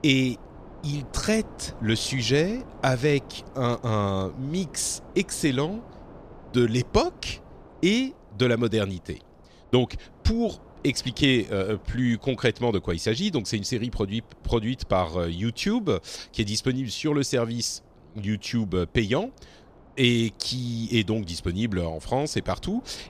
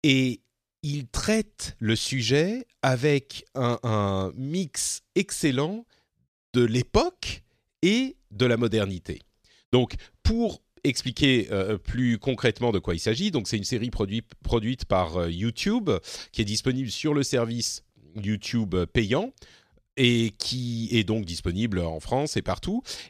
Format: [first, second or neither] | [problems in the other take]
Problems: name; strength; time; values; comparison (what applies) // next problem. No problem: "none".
second | wind noise on the microphone; occasional gusts; 20 dB below the speech